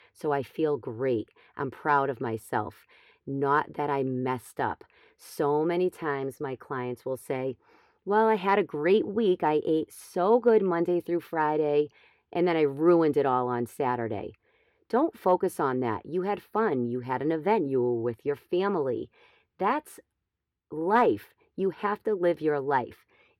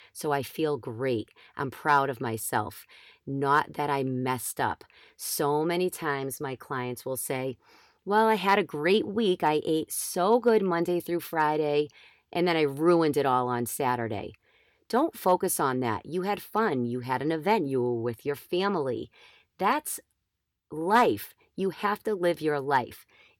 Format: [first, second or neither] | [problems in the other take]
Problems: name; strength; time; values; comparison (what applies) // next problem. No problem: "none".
second | muffled; slightly; fading above 3.5 kHz